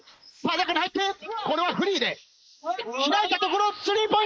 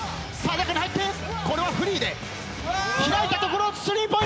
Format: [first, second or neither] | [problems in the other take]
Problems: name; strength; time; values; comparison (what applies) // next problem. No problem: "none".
second | noise reduction (neural mask model Resemble Enhance denoiser)